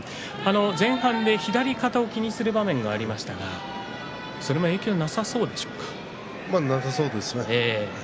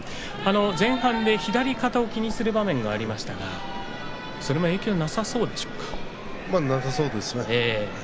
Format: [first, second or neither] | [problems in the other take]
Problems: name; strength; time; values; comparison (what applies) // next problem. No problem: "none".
first | background sound (Writing); 11 dB below the speech